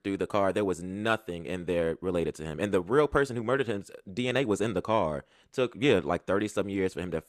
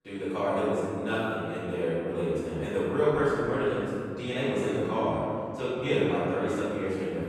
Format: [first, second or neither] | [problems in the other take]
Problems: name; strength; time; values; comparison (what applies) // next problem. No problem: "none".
first | off-mic speech; far // room echo; strong; dies away in 2.1 s